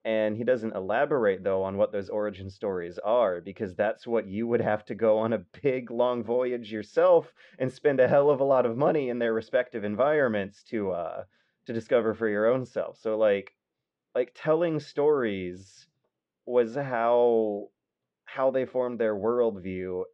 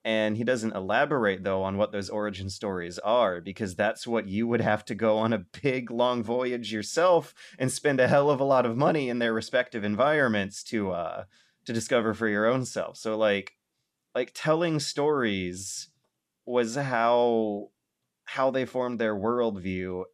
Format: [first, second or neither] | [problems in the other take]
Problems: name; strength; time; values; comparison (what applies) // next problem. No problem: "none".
second | muffled; very; fading above 3 kHz